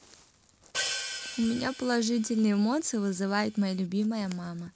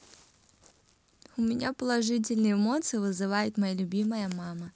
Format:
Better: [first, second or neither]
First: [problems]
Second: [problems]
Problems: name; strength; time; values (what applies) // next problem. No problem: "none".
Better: second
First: background sound (Hi-hat); 10 dB below the speech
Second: none